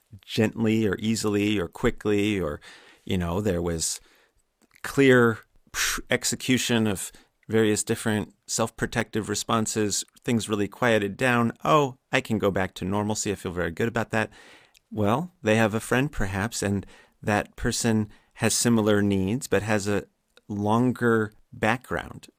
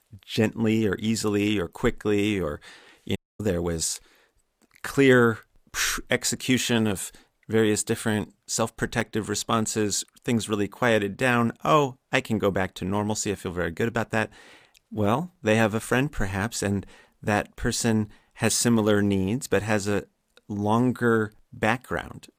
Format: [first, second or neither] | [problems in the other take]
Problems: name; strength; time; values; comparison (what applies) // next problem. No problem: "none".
first | audio cutting out; at 3 s